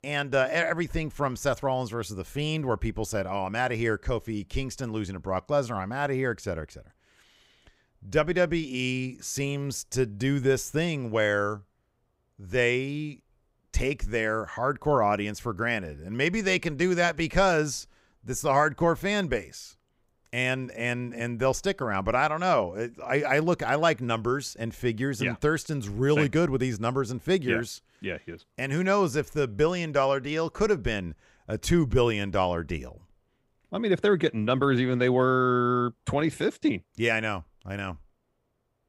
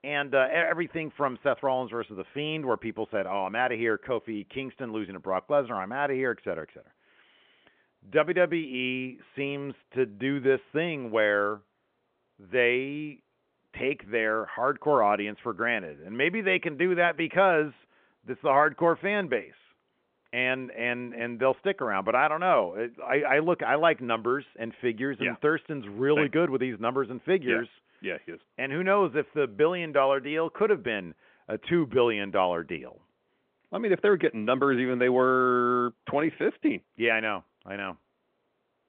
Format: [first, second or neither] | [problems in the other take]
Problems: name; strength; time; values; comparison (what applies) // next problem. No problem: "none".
first | phone-call audio; nothing above 3.5 kHz